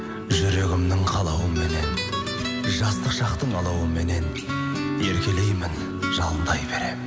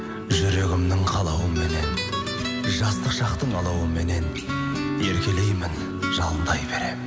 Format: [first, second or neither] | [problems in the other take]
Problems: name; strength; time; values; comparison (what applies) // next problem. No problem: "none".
first | background sound (Bowed string instrument); 19 dB below the speech